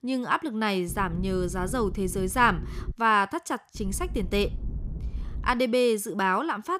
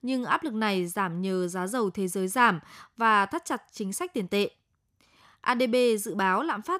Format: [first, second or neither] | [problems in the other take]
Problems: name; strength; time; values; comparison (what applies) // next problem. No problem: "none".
second | low rumble; faint; from 1 to 3 s and from 4 to 5.5 s; 25 dB below the speech